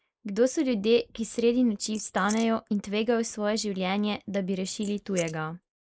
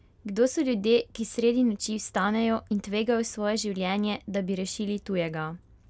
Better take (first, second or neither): second